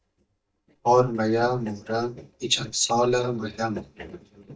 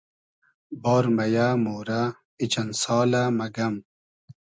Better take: second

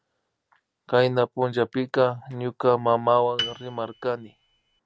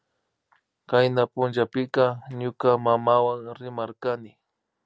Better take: second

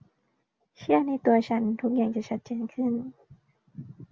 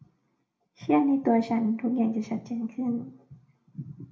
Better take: first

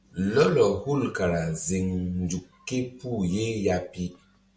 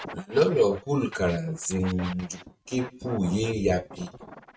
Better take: first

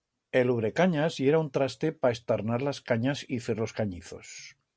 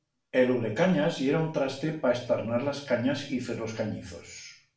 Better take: first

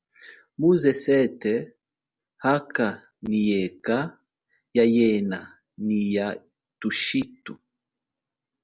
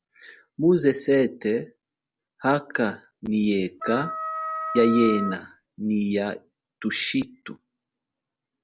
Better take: first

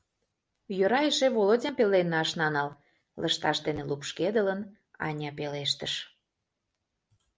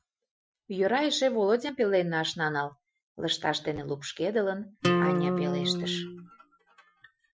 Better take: first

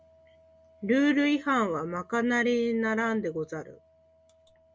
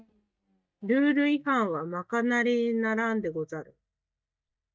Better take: first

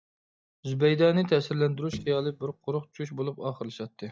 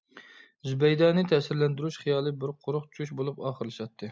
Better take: second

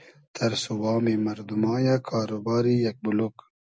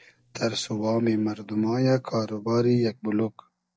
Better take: first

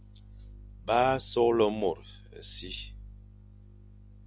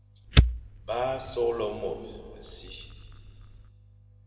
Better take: first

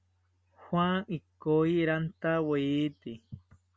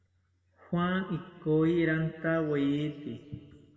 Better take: first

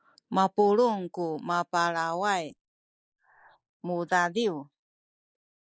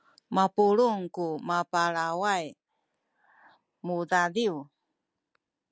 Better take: second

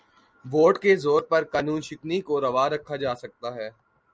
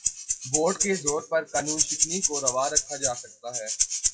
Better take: first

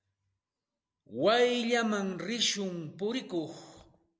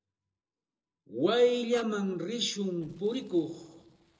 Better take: first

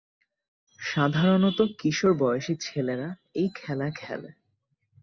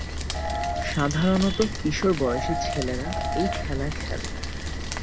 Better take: first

